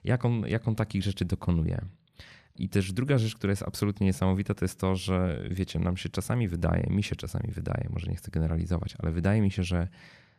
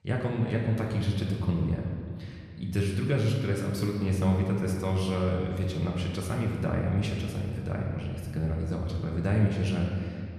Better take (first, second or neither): first